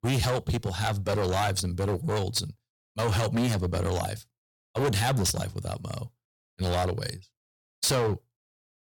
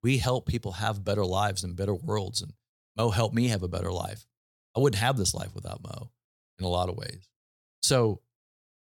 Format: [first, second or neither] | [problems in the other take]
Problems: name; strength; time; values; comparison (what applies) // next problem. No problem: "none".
second | distortion; heavy; 13% of the sound clipped